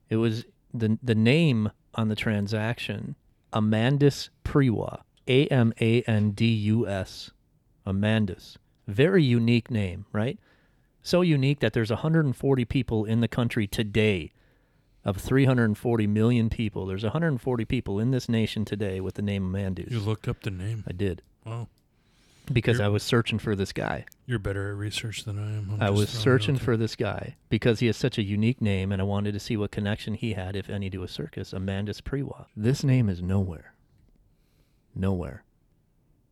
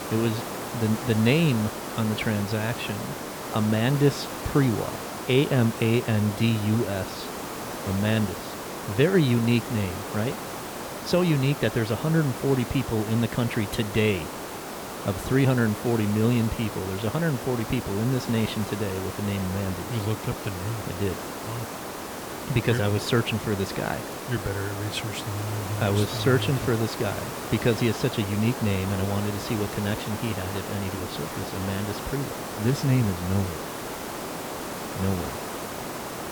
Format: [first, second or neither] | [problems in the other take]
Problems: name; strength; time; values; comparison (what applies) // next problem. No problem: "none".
first | hiss; loud; throughout; 7 dB below the speech